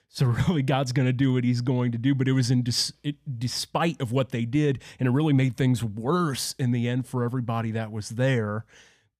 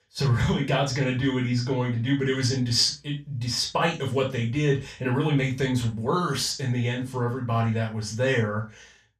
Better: first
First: none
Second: room echo; noticeable; dies away in 0.2 s // off-mic speech; far

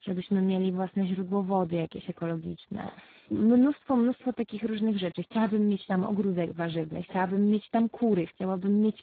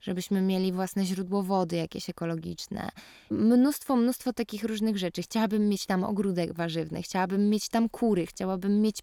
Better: second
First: garbled, watery; badly; nothing above 4 kHz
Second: none

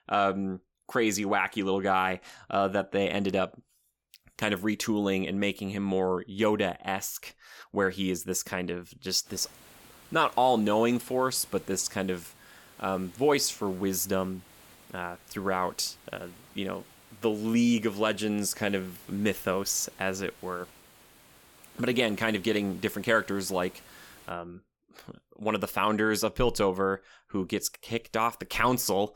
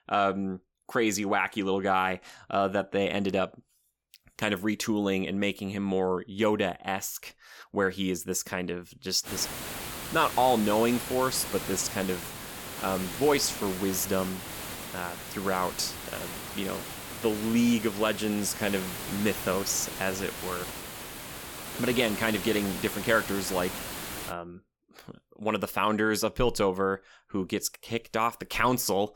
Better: first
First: hiss; faint; from 9.5 to 24 s; 25 dB below the speech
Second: hiss; loud; from 9.5 to 24 s; 8 dB below the speech

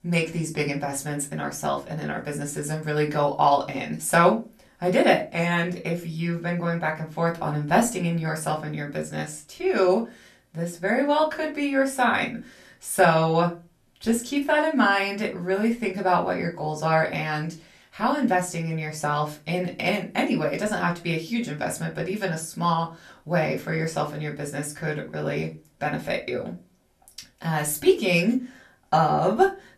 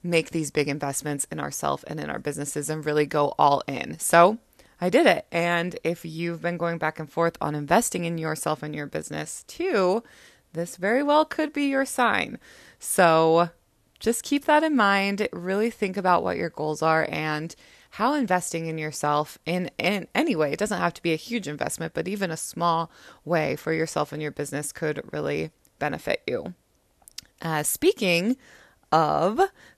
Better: second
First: off-mic speech; somewhat distant // room echo; very slight; dies away in 0.2 s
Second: none

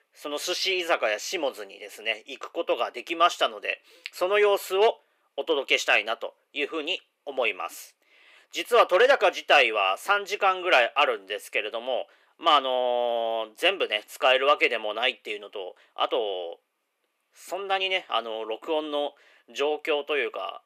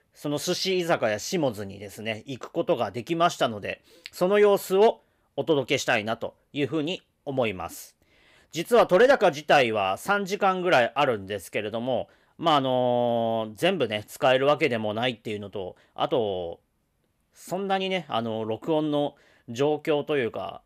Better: second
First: thin; very; fading below 350 Hz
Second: none

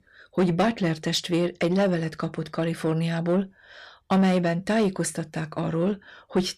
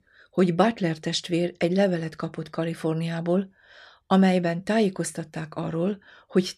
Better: second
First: distortion; slight; 10 dB below the speech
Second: none

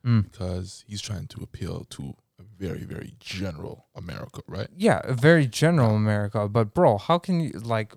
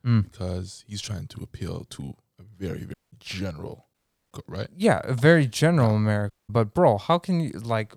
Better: first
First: none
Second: audio cutting out; at 3 s, at 4 s and at 6.5 s

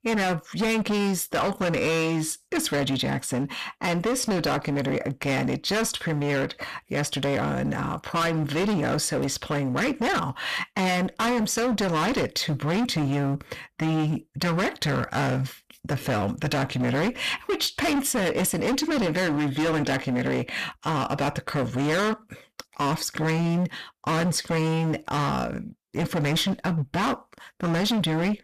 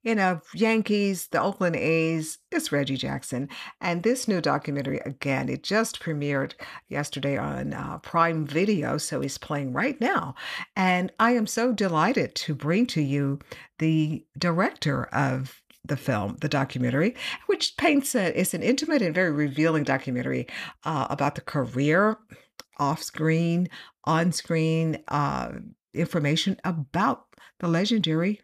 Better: second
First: distortion; heavy; 26% of the sound clipped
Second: none

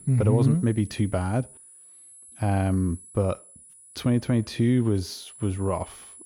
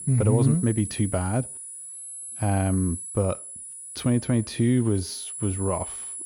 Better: first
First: high-pitched whine; faint; throughout; 10.5 kHz, 20 dB below the speech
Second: high-pitched whine; loud; throughout; 10.5 kHz, 9 dB below the speech

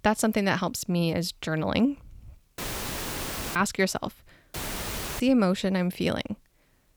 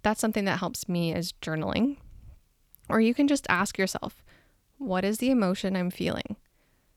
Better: second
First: audio cutting out; filled with static; at 2.5 s for 1 s and at 4.5 s for 0.5 s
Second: none

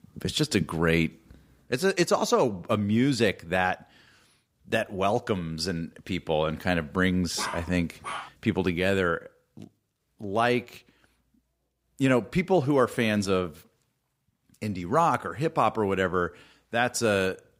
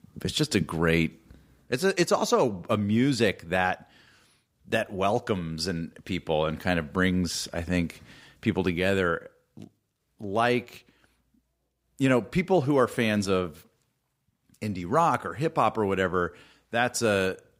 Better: second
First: dog barking; noticeable; at 7.5 s; peak 8 dB below the speech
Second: none

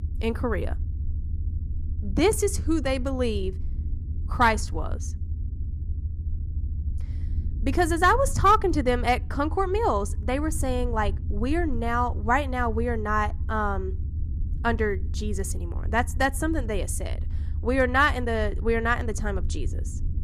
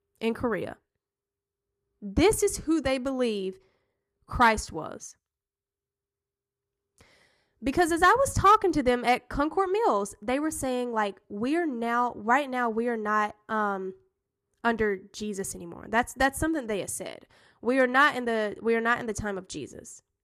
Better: second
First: low rumble; faint; throughout; 25 dB below the speech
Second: none

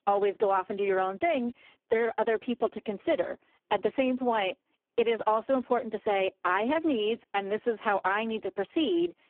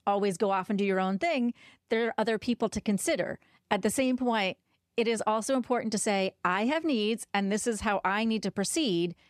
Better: second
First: phone-call audio; poor line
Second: none

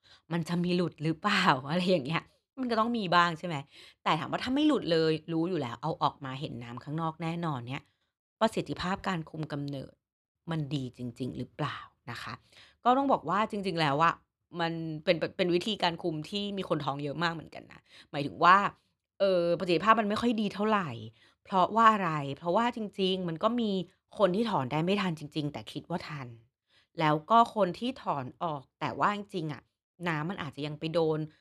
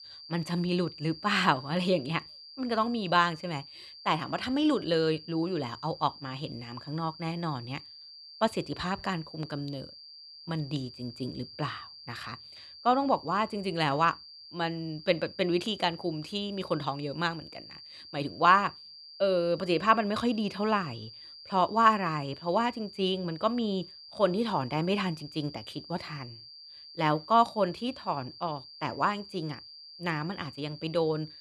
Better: first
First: none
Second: high-pitched whine; noticeable; throughout; 4.5 kHz, 15 dB below the speech

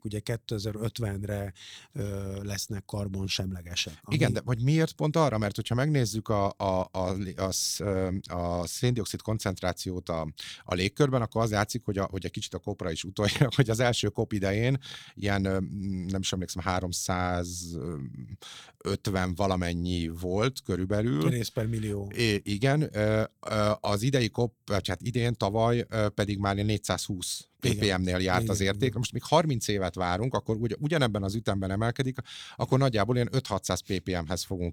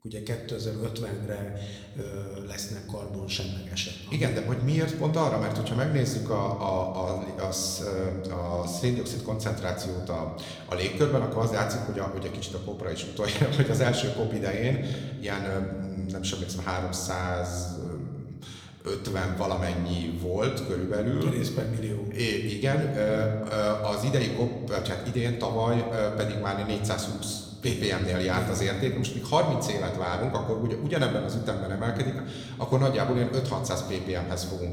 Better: first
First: none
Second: room echo; slight; dies away in 1.2 s

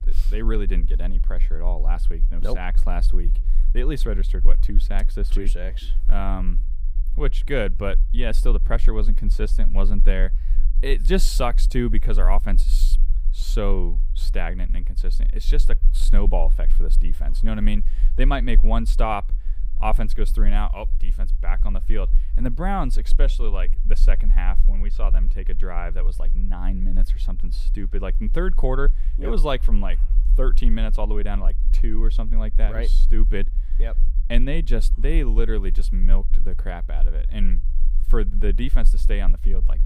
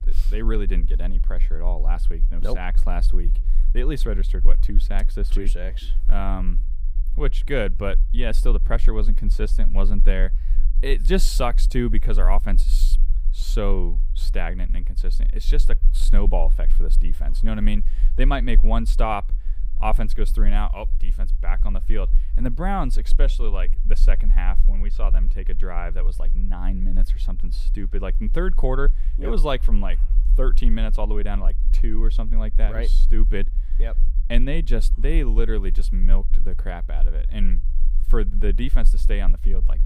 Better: neither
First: low rumble; faint; throughout; 20 dB below the speech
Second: low rumble; faint; throughout; 20 dB below the speech

